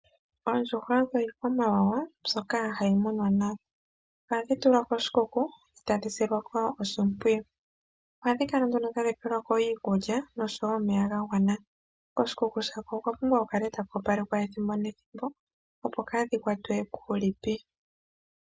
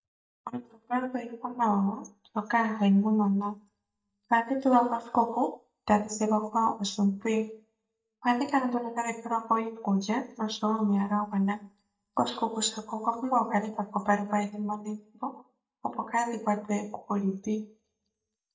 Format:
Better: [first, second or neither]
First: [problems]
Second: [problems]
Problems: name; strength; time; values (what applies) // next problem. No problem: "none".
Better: first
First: none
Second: noise reduction (neural mask model DeepFilterNet 3)